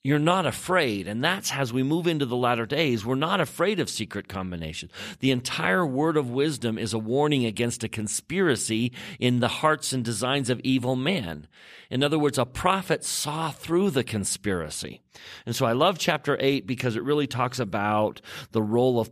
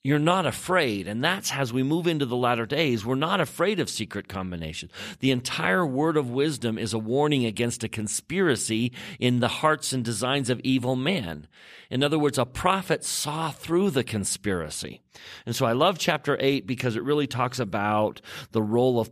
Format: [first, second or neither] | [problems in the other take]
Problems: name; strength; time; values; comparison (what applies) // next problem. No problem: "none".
neither | none